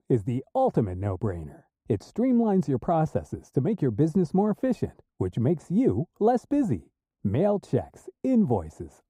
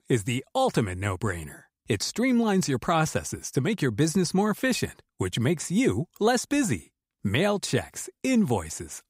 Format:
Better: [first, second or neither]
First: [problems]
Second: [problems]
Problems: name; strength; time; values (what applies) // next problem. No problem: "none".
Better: second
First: muffled; very; fading above 1 kHz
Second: none